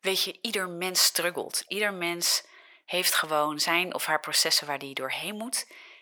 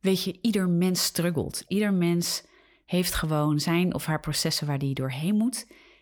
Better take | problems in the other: second | thin; very; fading below 700 Hz

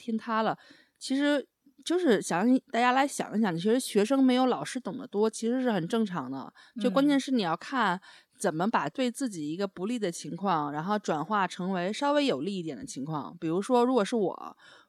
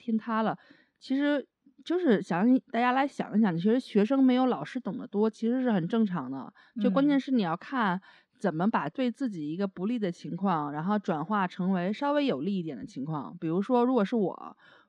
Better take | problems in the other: first | muffled; slightly; fading above 3 kHz

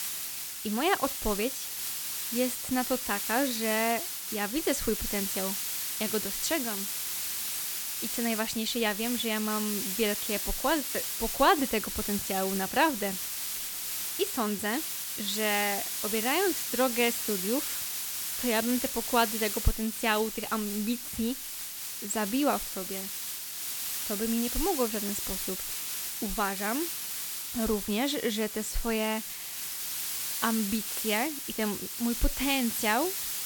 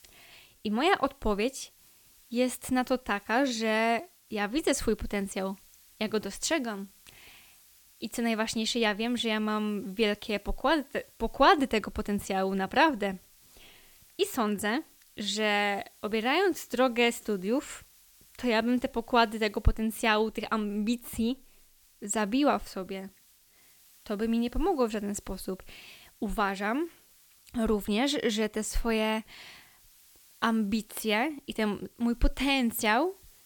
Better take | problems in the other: second | hiss; loud; throughout; 1 dB below the speech; faint in the second

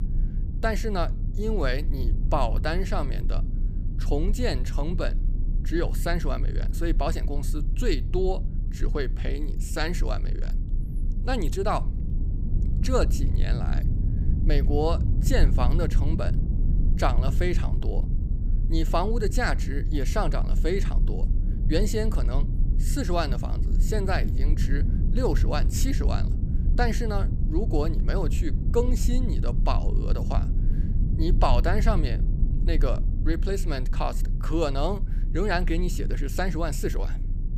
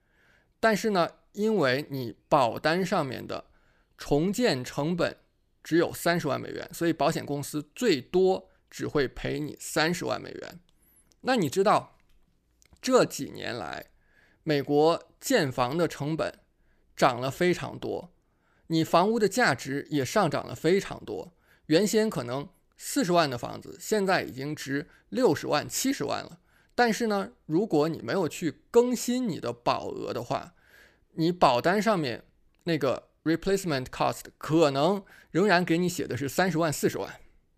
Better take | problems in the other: second | low rumble; noticeable; throughout; 10 dB below the speech

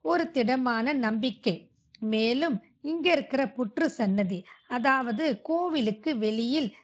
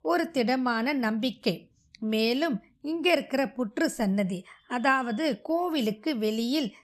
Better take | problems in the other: second | garbled, watery; slightly; nothing above 7.5 kHz

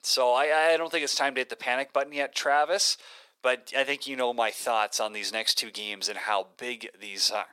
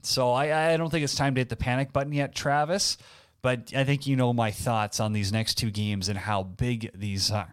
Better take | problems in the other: second | thin; very; fading below 400 Hz

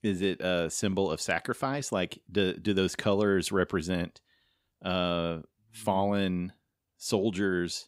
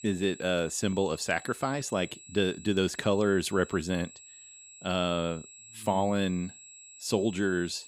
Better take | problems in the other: first | high-pitched whine; noticeable; throughout; 7.5 kHz, 20 dB below the speech

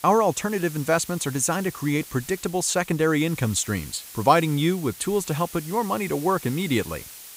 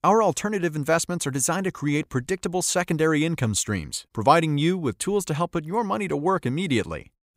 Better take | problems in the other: second | hiss; noticeable; throughout; 15 dB below the speech

